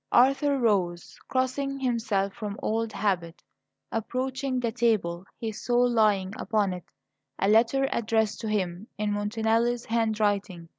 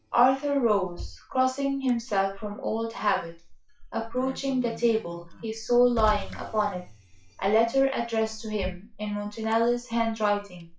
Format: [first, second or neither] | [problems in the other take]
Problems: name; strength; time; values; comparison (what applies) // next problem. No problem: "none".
first | noise reduction (classical method WPE with log-MMSE)